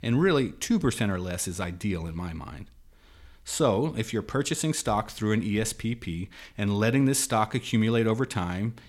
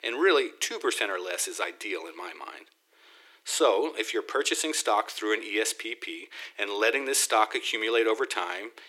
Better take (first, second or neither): first